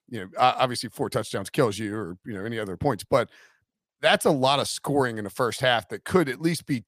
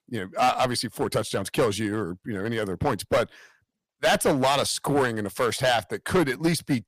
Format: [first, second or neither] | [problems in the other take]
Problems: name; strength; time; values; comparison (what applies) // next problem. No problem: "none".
first | distortion; heavy; 7% of the sound clipped